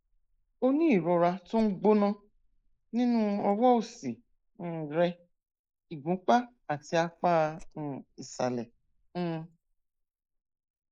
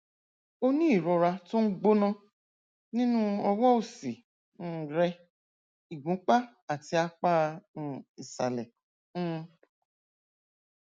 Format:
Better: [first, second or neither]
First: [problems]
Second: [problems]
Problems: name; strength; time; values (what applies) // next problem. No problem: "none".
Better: second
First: noise reduction (neural mask model Resemble Enhance denoiser)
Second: none